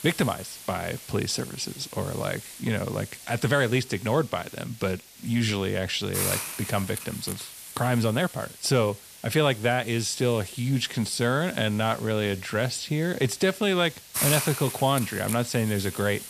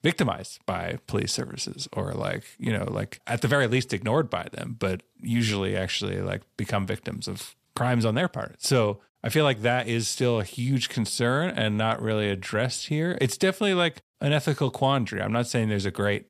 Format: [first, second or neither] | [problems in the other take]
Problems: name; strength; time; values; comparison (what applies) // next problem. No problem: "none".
second | hiss; loud; throughout; 9 dB below the speech